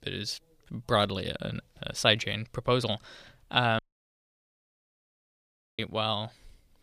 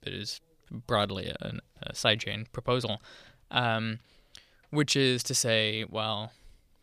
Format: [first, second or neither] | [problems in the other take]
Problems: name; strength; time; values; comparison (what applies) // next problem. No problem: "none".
second | audio cutting out; at 4 s for 2 s